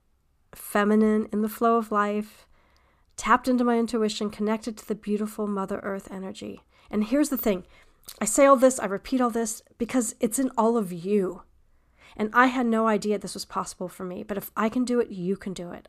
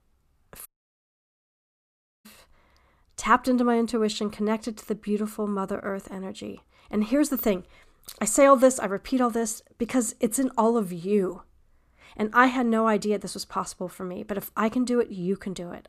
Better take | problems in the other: first | audio cutting out; at 0.5 s for 1.5 s

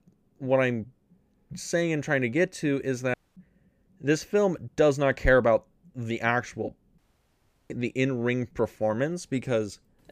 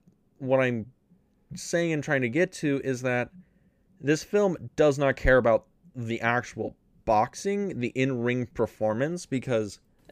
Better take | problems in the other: second | audio cutting out; at 3 s and at 7 s for 0.5 s

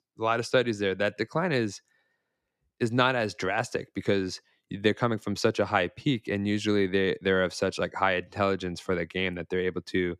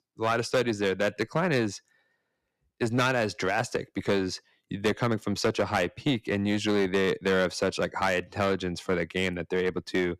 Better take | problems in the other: first | distortion; slight; 6% of the sound clipped

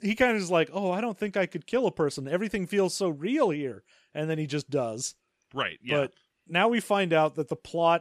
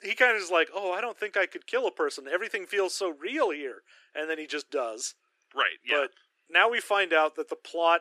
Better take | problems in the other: first | thin; very; fading below 350 Hz

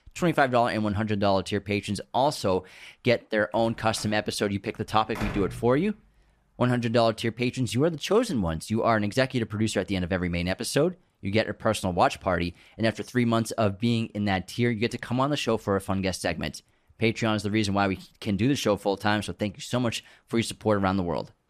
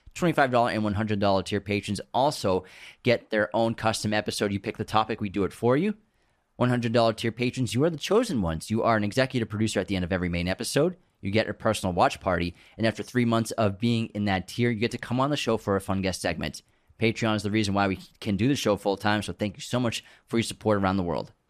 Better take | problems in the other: second | door banging; noticeable; from 3.5 to 6 s; peak 8 dB below the speech

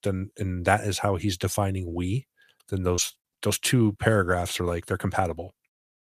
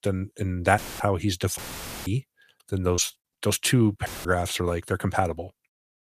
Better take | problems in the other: first | audio cutting out; filled with static; at 1 s, at 1.5 s and at 4 s

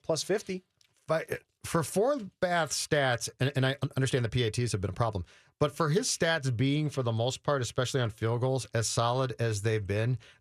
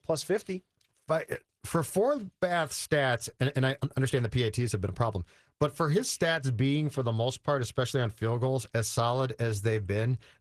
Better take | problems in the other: first | garbled, watery; slightly; nothing above 14 kHz

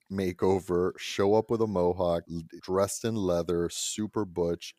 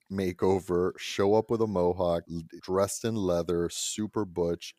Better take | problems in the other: neither | none

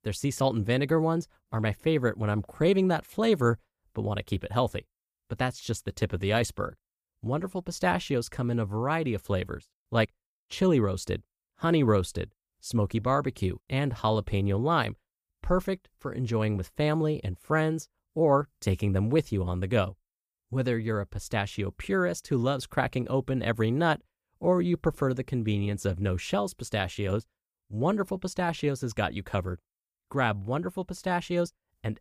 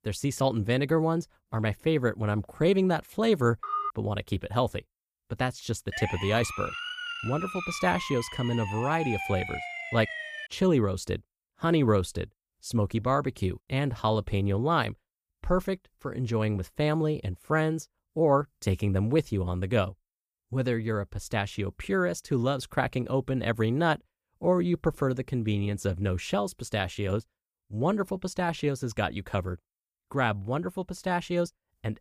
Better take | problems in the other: first | phone ringing; noticeable; at 3.5 s; peak 3 dB below the speech // siren; noticeable; from 6 to 10 s; peak 5 dB below the speech

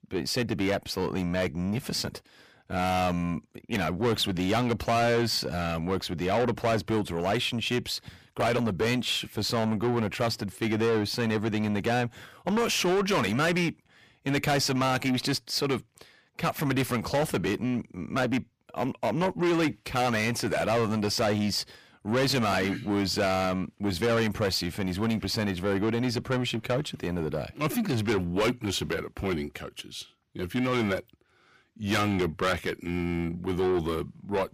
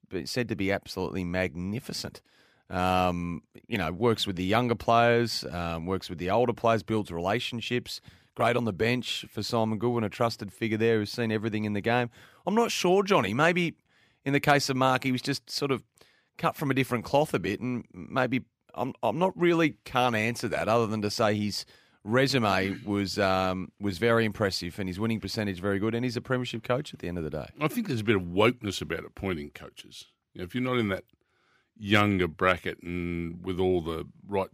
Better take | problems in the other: second | distortion; heavy; 6 dB below the speech

